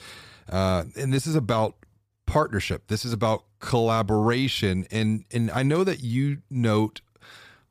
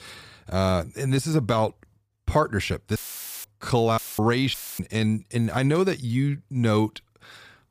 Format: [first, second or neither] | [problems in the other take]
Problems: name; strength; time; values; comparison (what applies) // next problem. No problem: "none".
first | audio cutting out; filled with static; at 3 s, at 4 s and at 4.5 s